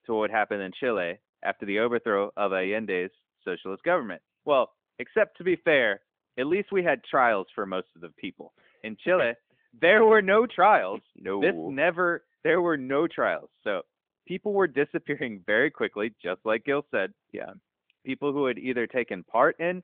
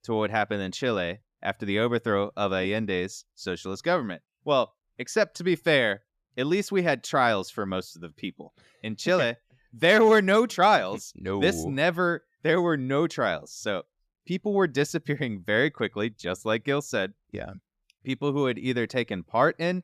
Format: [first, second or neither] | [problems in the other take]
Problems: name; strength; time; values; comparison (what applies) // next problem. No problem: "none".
second | phone-call audio; nothing above 3.5 kHz